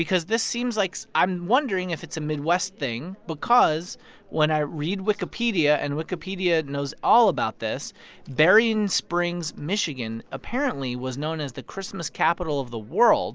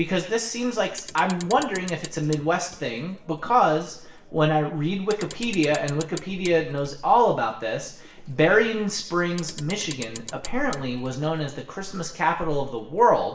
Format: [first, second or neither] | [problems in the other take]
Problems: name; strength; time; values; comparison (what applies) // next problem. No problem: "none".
first | background sound (Clock); 19 dB below the speech // room echo; dies away in 0.6 s